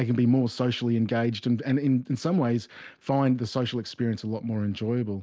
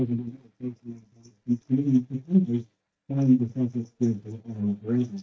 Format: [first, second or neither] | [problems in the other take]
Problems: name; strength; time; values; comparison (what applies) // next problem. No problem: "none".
first | noise reduction (neural mask model DeepFilterNet 3)